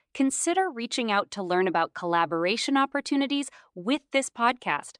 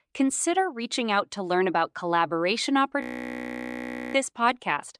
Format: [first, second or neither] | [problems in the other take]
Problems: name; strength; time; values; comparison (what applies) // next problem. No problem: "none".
first | audio freezing; at 3 s for 1 s